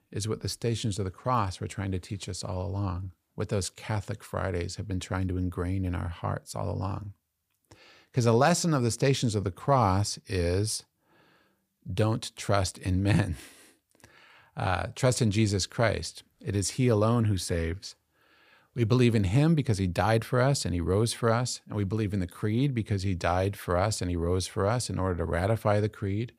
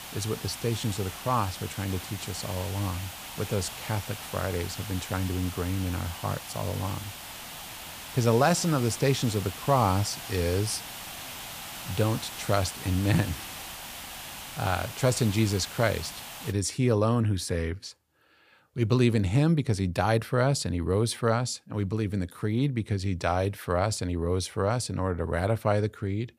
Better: first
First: none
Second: hiss; noticeable; until 17 s; 10 dB below the speech

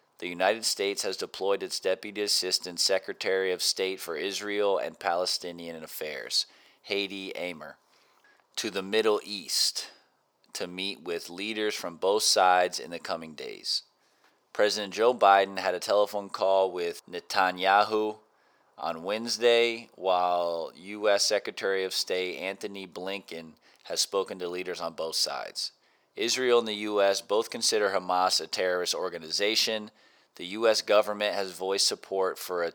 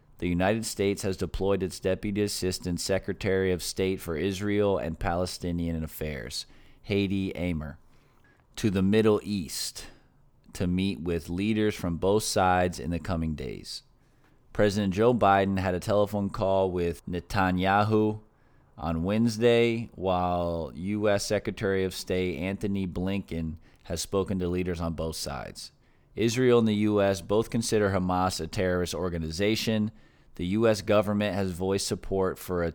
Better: second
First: thin; very; fading below 550 Hz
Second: none

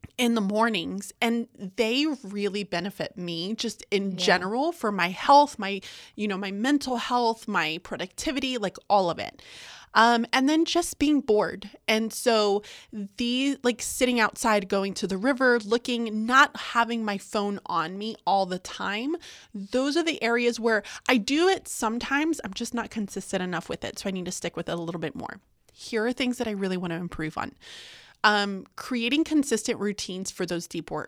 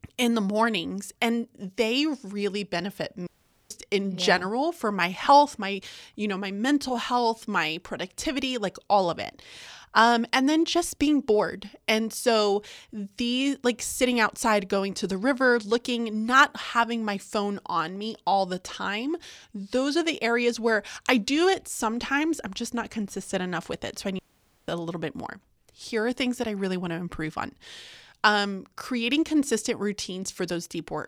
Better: first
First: none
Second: audio cutting out; at 3.5 s and at 24 s

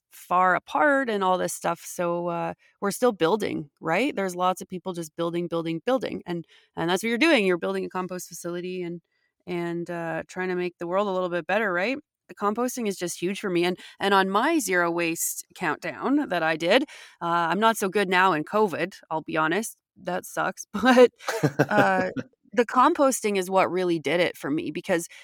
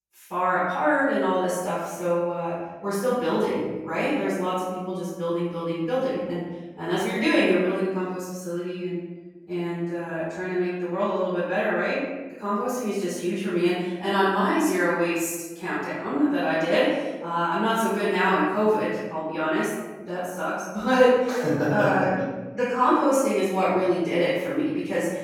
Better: first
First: none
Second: off-mic speech; far // room echo; strong; dies away in 1.1 s

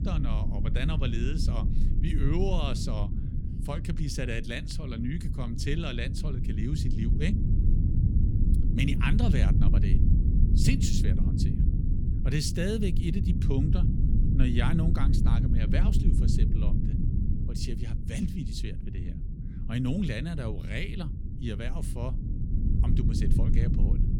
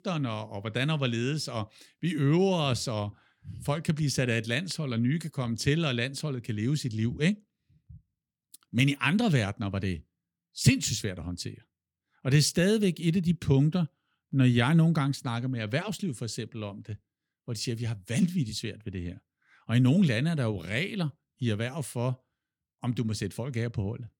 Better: second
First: low rumble; loud; throughout; 4 dB below the speech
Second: none

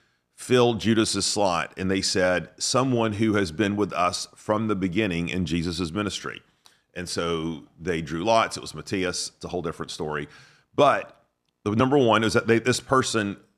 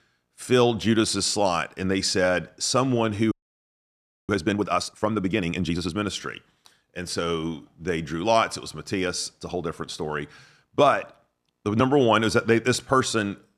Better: first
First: none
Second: audio freezing; at 3.5 s for 1 s

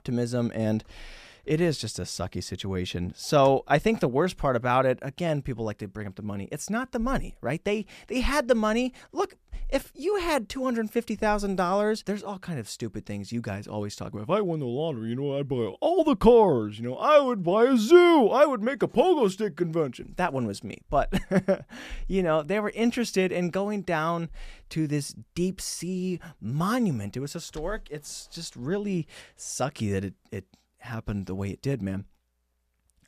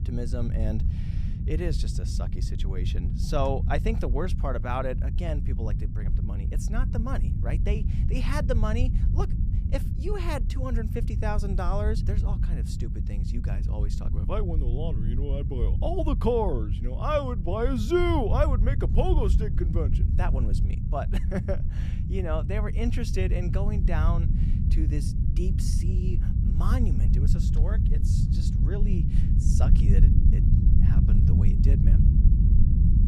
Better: first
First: none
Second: low rumble; loud; throughout; 8 dB below the speech

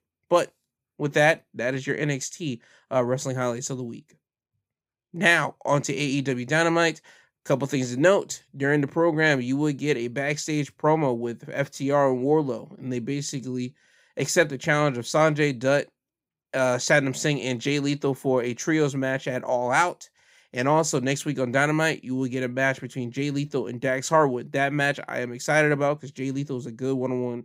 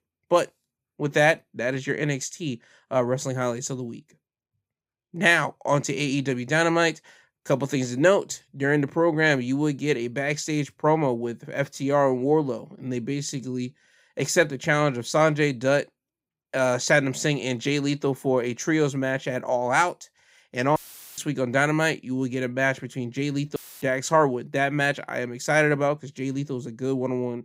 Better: first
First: none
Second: audio cutting out; filled with static; at 21 s and at 24 s

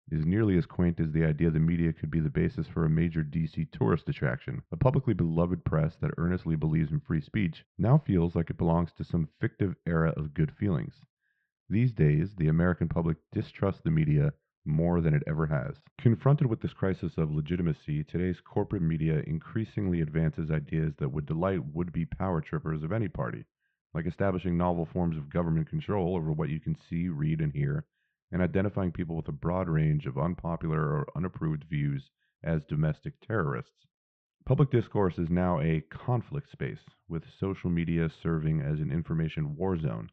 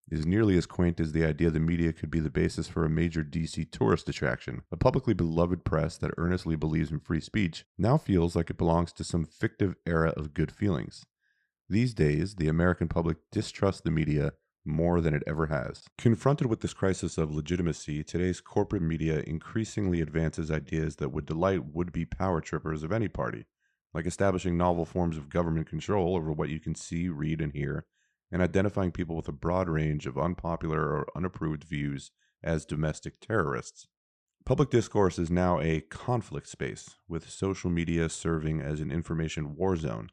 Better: second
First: muffled; very; fading above 3 kHz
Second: none

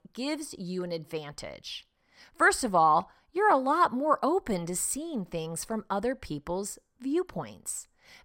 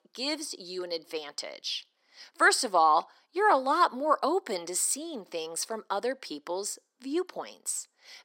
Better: first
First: none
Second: thin; very slightly; fading below 300 Hz

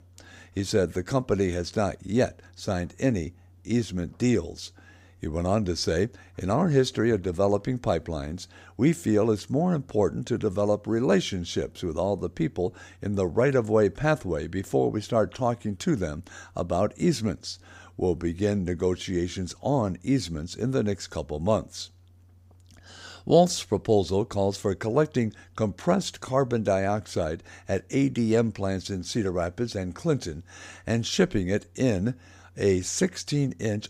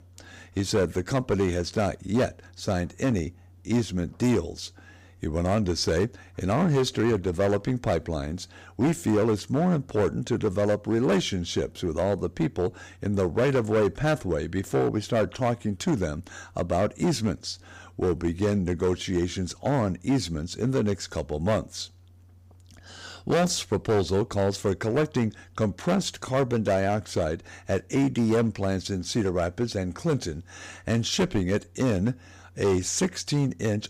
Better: first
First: none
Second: distortion; slight; 7% of the sound clipped

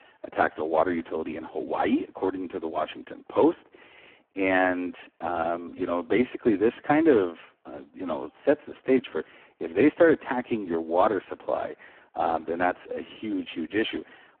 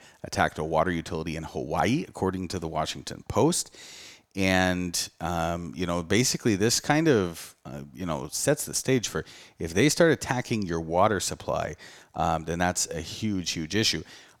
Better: second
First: phone-call audio; poor line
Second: none

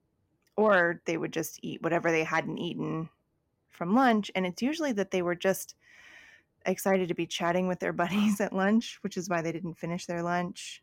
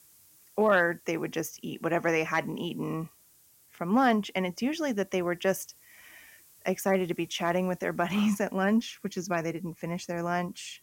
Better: first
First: none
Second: hiss; faint; throughout; 25 dB below the speech

